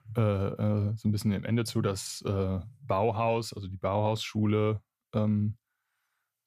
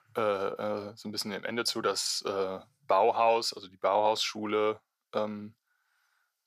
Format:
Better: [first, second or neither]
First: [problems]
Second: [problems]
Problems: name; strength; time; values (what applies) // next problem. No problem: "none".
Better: first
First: none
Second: thin; very; fading below 450 Hz